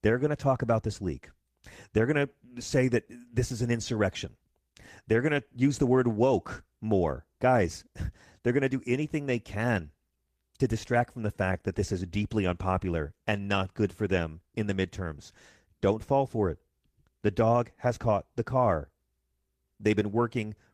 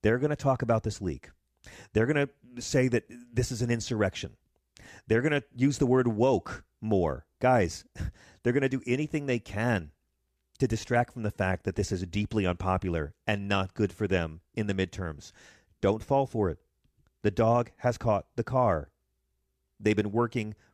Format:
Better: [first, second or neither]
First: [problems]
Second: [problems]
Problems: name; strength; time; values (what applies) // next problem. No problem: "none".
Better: second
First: garbled, watery; slightly; nothing above 14.5 kHz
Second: none